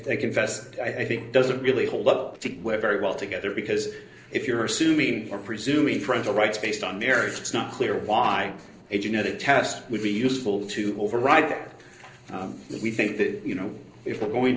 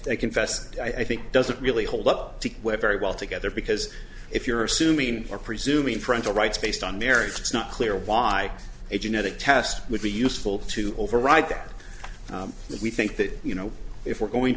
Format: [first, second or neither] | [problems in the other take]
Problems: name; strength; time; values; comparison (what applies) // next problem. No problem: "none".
second | noise reduction (neural separator model SepFormer DNS4)